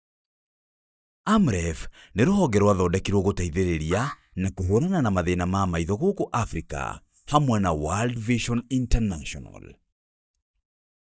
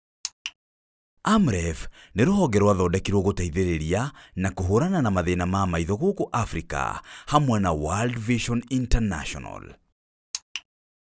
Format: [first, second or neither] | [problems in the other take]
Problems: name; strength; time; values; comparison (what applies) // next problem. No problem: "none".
second | noise reduction (neural mask model DeepFilterNet 3)